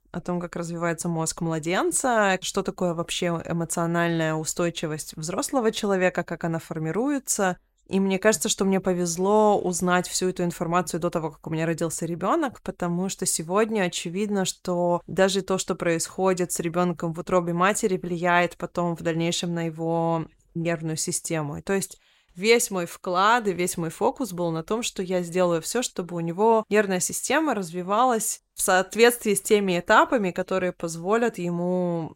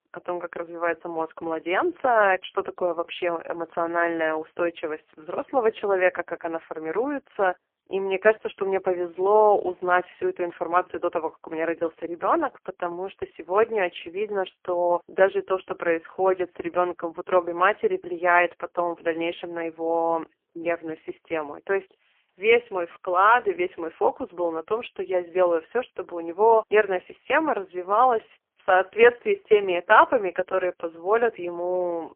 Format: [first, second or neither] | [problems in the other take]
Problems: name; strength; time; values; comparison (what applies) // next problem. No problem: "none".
first | phone-call audio; poor line; nothing above 3 kHz